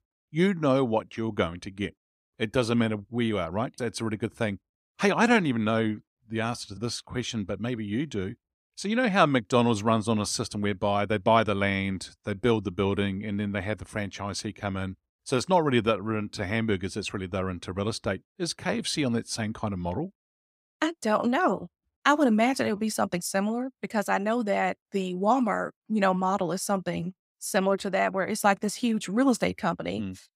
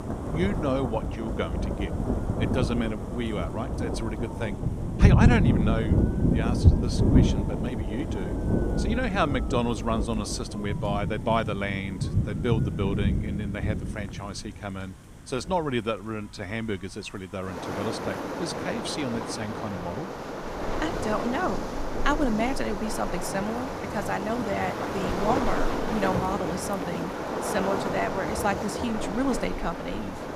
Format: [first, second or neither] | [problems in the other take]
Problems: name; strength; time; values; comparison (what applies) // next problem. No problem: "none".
first | rain or running water; very loud; throughout; 2 dB above the speech